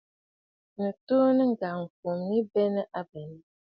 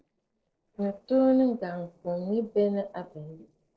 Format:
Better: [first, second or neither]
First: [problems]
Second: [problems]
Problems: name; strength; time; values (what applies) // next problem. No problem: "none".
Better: first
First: none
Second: noise reduction (neural separator model SepFormer DNS4)